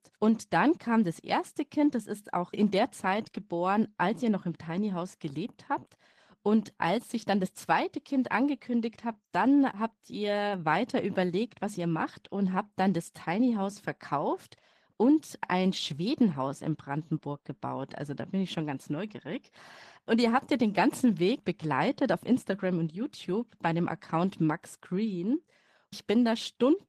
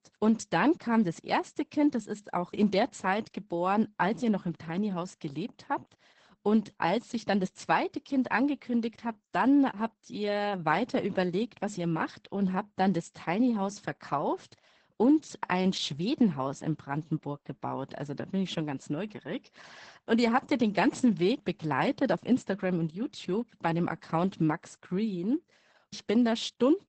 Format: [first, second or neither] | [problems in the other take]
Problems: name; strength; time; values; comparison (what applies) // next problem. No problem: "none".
first | garbled, watery; badly; nothing above 8 kHz; slightly in the first